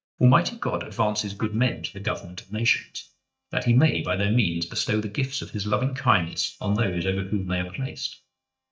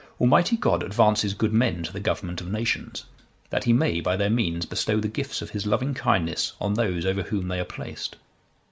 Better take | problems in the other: second | noise reduction (neural mask model DeepFilterNet 3)

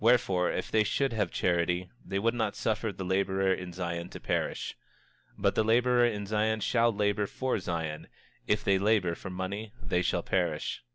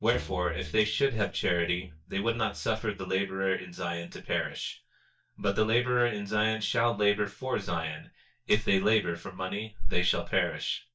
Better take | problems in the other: first | noise reduction (neural mask model DeepFilterNet 3)

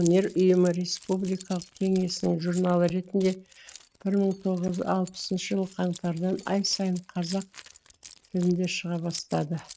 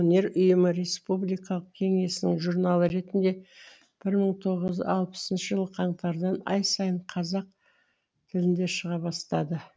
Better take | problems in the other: second | noise reduction (neural mask model RNNoise)

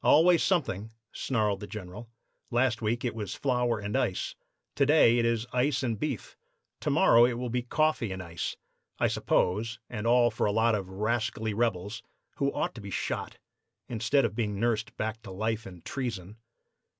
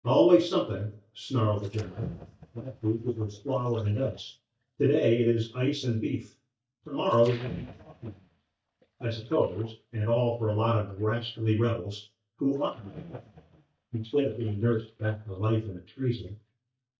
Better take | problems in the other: first | noise reduction (neural mask model DeepFilterNet 3)

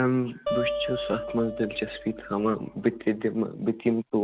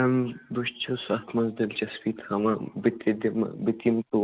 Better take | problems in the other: second | background sound (Acoustic guitar); 7 dB below the speech

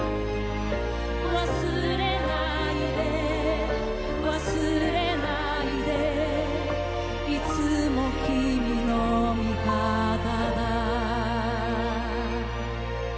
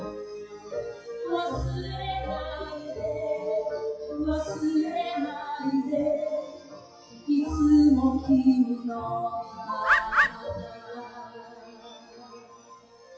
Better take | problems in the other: first | noise reduction (classical method WPE with log-MMSE)

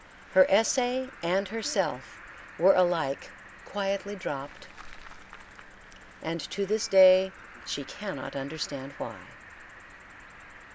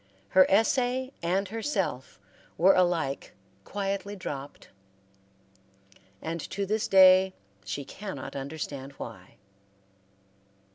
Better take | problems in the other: second | background sound (Cricket); 18 dB below the speech

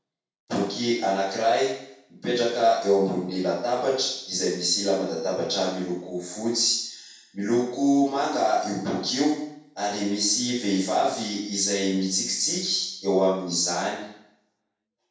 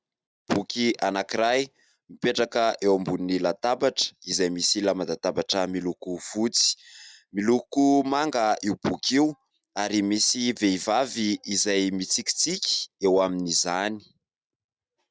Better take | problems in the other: second | room echo; dies away in 0.7 s

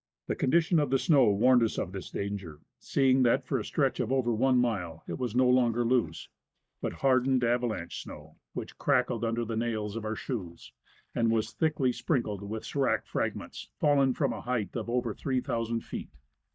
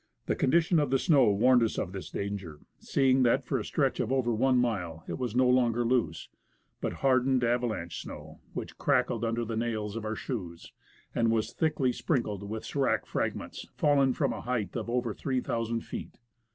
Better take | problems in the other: second | noise reduction (neural mask model DeepFilterNet 3)

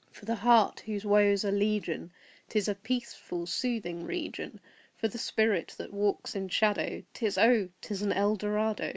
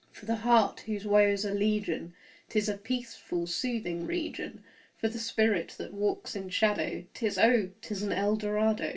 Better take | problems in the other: first | room echo; dies away in 0.2 s

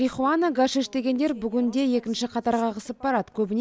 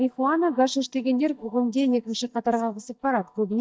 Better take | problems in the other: first | noise reduction (neural mask model DeepFilterNet 3)

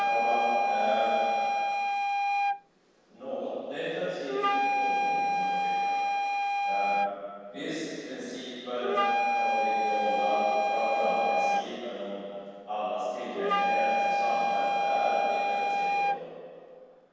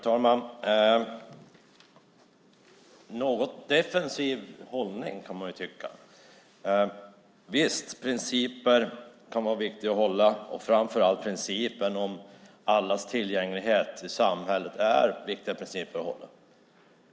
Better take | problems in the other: second | background sound (Wind instrument, woodwind instrument); 5 dB above the speech // room echo; dies away in 2.2 s

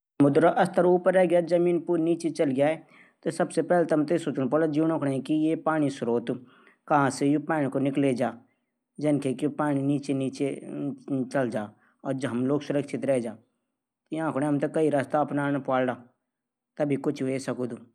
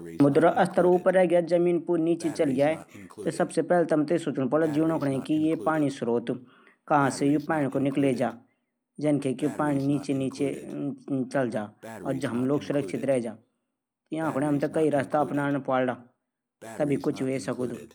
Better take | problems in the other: first | background sound (Breathing); 18 dB below the speech

